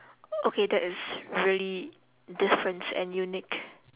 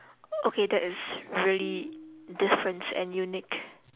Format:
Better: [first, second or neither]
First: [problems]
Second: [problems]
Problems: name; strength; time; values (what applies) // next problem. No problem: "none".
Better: first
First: none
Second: background sound (Tabla); 16 dB below the speech